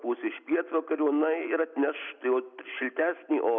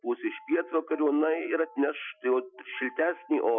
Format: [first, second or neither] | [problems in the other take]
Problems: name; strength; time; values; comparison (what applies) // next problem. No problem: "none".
first | noise reduction (classical method Wiener filter)